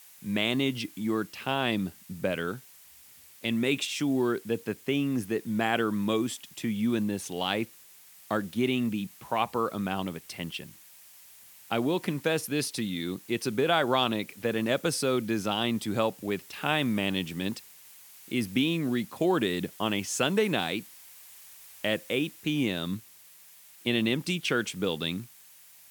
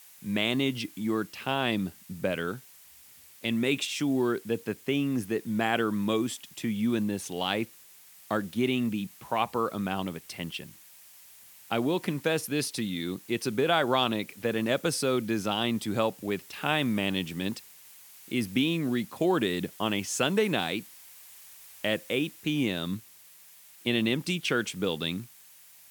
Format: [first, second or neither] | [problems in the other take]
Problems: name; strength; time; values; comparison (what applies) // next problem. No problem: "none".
neither | hiss; faint; throughout; 20 dB below the speech; the same in both